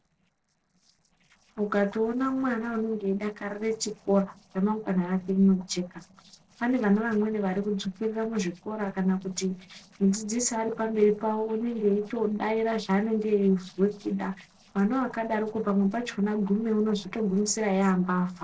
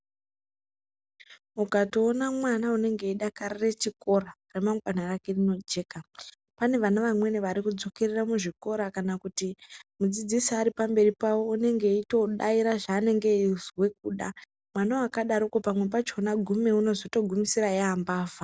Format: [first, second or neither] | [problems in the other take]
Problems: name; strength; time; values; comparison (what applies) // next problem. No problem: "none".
second | noise reduction (neural separator model SepFormer DNS4)